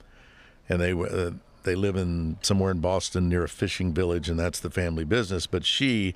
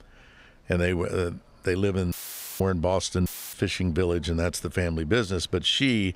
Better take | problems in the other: first | audio cutting out; filled with static; at 2 s and at 3.5 s

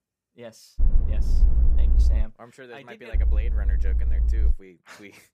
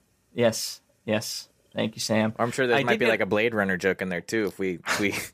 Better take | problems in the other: second | low rumble; loud; from 1 to 2 s and from 3 to 4.5 s; 1 dB below the speech

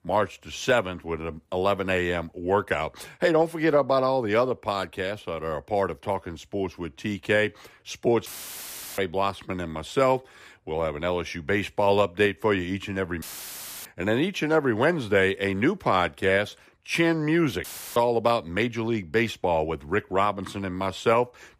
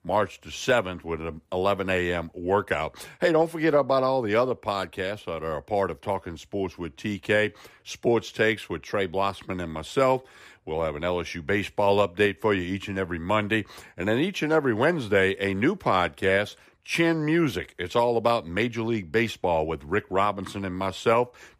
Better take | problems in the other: second | audio cutting out; filled with static; at 8.5 s for 0.5 s, at 13 s for 0.5 s and at 18 s

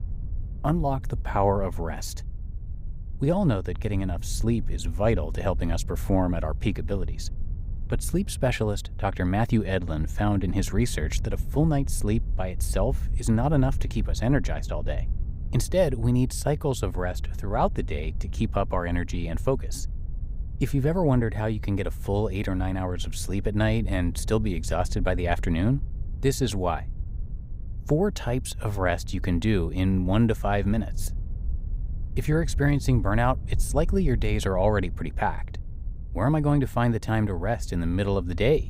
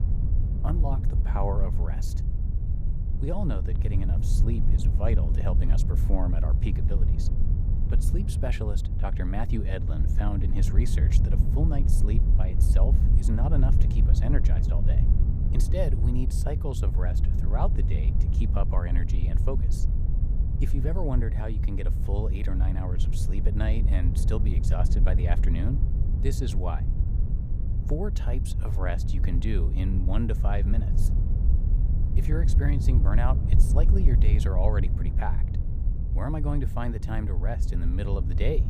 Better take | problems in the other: first | wind noise on the microphone; heavy; 5 dB below the speech; occasional gusts in the first

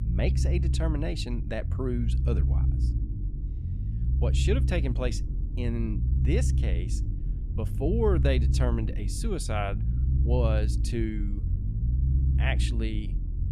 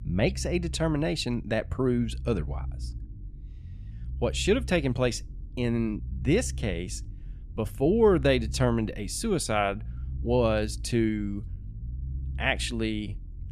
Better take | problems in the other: second | low rumble; loud; throughout; 9 dB below the speech; faint in the second

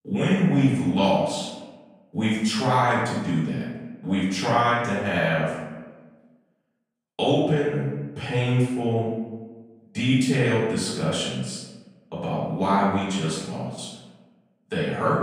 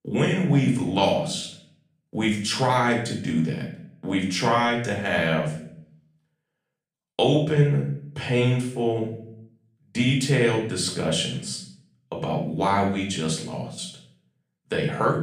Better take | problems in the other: second | room echo; strong; dies away in 1.1 s; slight in the second // off-mic speech; far; far in the second

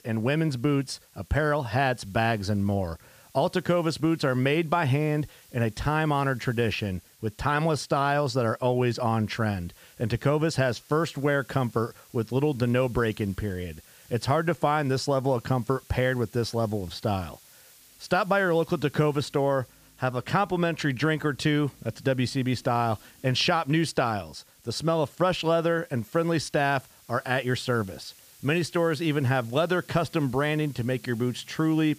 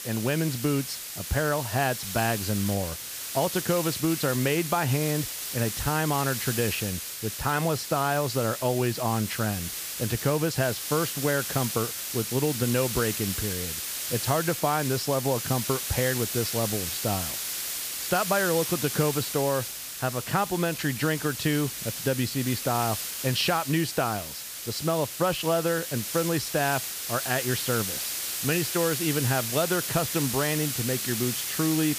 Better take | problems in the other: first | hiss; loud; throughout; 3 dB below the speech; faint in the first

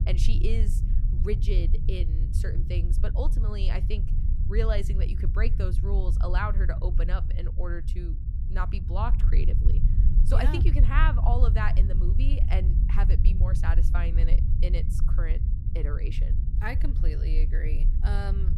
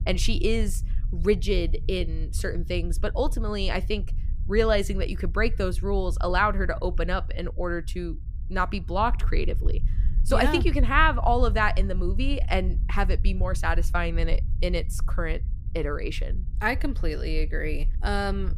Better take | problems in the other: second | low rumble; loud; throughout; 8 dB below the speech; faint in the second

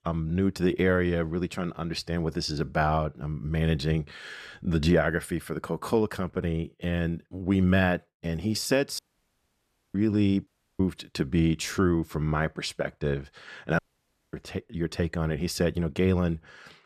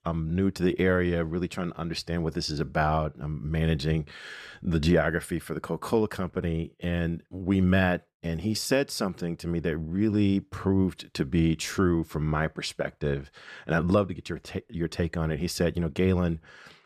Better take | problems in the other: second | audio cutting out; at 9 s for 1 s, at 10 s and at 14 s for 0.5 s

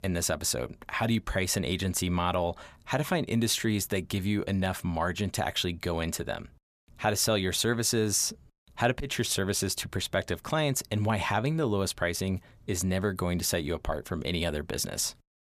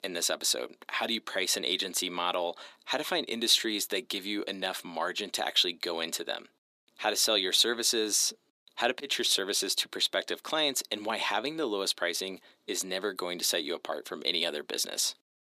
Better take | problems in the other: first | thin; somewhat; fading below 300 Hz

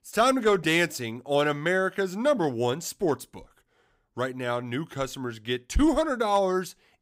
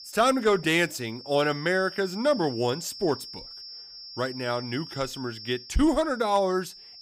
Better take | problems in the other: first | high-pitched whine; noticeable; throughout; 5.5 kHz, 15 dB below the speech

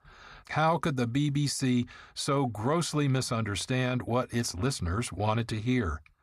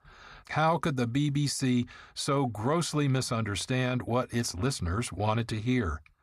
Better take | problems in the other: neither | none

